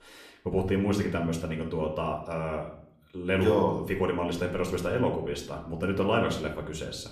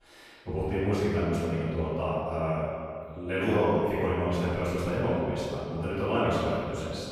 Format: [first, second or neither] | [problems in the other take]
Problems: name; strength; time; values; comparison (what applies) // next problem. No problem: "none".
first | room echo; strong; dies away in 2.3 s; slight in the first // off-mic speech; far; somewhat distant in the first